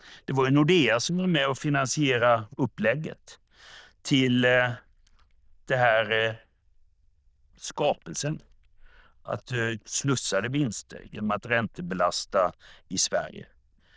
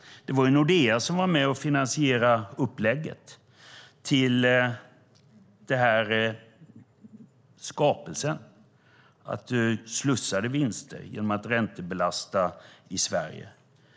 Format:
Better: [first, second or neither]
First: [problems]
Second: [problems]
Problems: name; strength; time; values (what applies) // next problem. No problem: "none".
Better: second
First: noise reduction (neural diffusion model UNIVERSE++)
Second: none